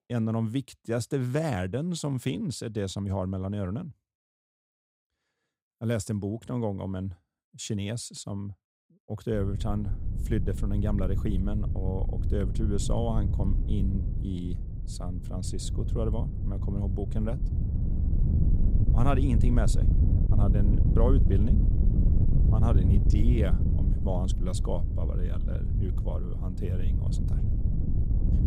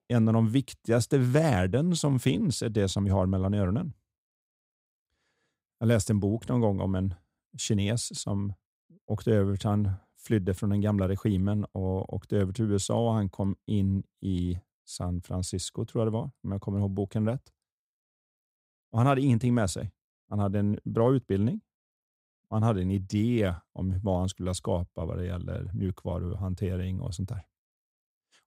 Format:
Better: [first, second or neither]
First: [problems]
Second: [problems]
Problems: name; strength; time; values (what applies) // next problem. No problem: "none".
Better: second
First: wind noise on the microphone; heavy; from 9.5 s on; 6 dB below the speech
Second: none